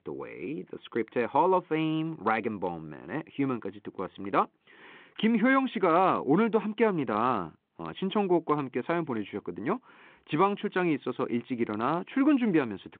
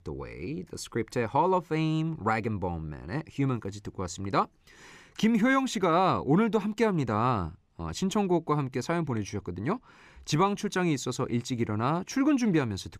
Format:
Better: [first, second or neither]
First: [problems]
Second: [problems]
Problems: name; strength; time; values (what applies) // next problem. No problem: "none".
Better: second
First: phone-call audio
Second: none